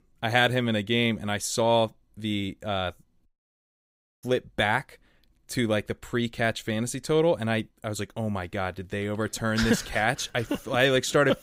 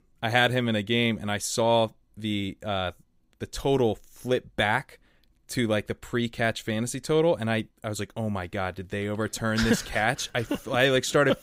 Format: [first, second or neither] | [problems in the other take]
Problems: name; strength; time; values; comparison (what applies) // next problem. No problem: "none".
second | audio cutting out; at 3.5 s for 1 s